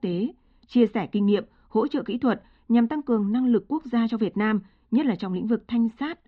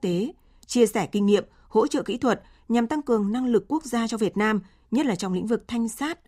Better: second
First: muffled; slightly; fading above 4 kHz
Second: none

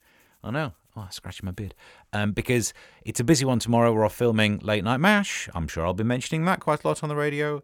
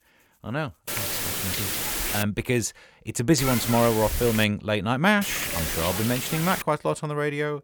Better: first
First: none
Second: hiss; loud; from 1 to 2 s, from 3.5 to 4.5 s and from 5 to 6.5 s; 3 dB below the speech

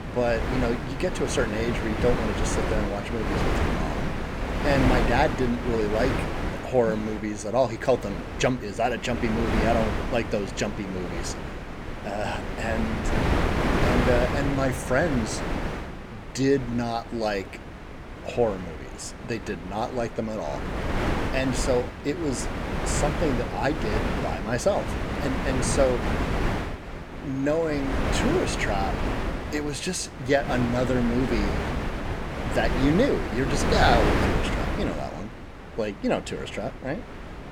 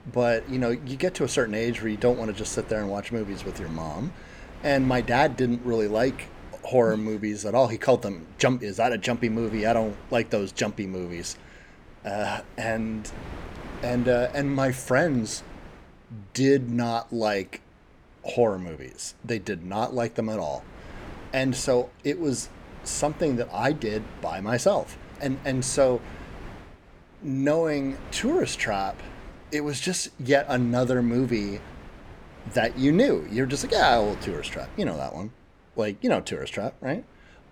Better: second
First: wind noise on the microphone; heavy; 3 dB below the speech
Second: wind noise on the microphone; occasional gusts; 20 dB below the speech

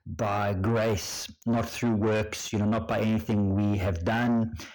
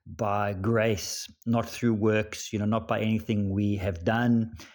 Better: second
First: distortion; heavy; 7 dB below the speech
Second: none

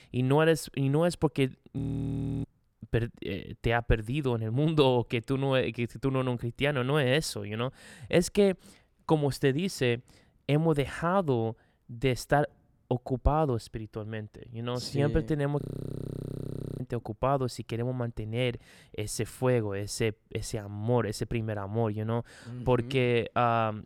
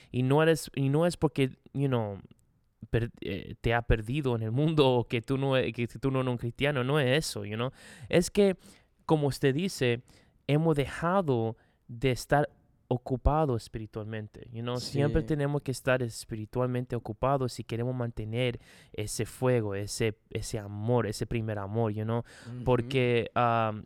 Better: second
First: audio freezing; at 2 s for 0.5 s and at 16 s for 1 s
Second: none

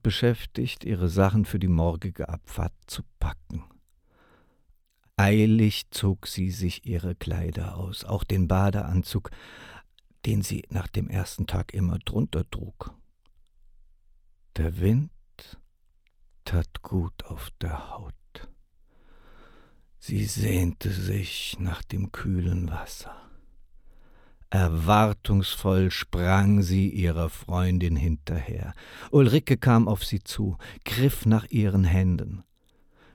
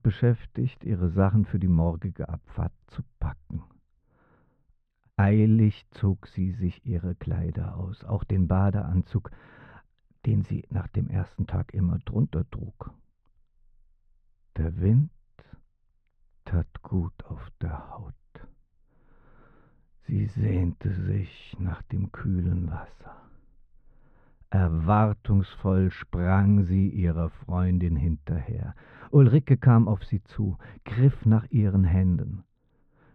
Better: first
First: none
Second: muffled; very; fading above 1.5 kHz

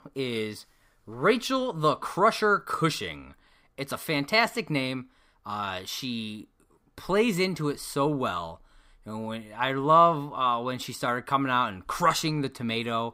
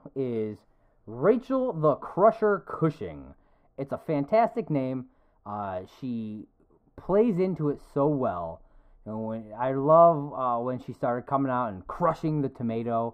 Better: first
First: none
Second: muffled; very; fading above 1.5 kHz

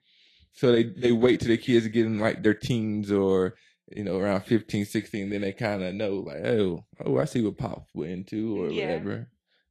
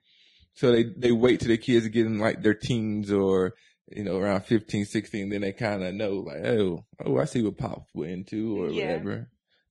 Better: first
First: garbled, watery; slightly; nothing above 13.5 kHz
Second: garbled, watery; badly; nothing above 10.5 kHz

